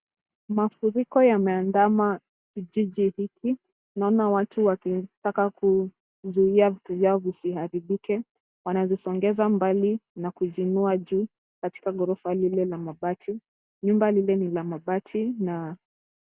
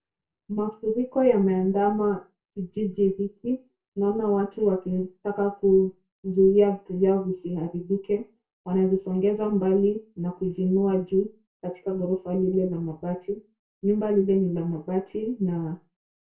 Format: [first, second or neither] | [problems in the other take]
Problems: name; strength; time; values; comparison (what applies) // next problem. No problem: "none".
first | room echo; dies away in 0.2 s